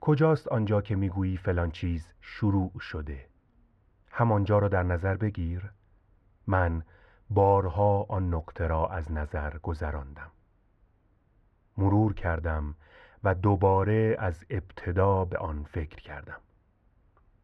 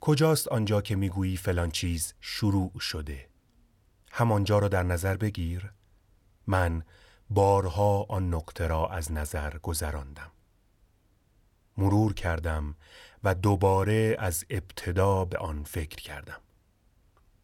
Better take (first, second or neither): second